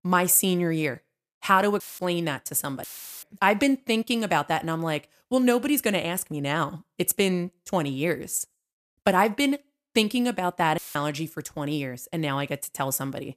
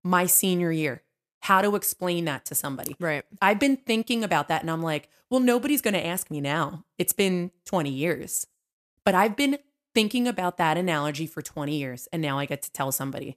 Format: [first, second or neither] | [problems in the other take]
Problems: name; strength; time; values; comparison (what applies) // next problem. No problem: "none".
second | audio cutting out; filled with static; at 2 s, at 3 s and at 11 s